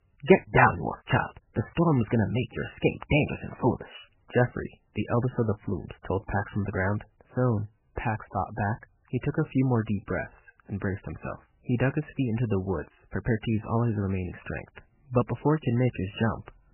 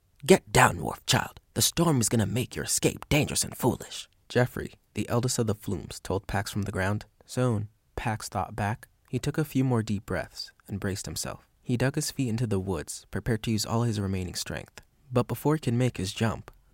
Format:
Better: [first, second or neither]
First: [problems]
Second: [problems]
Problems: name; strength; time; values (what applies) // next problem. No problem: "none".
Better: second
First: garbled, watery; badly; nothing above 3 kHz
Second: none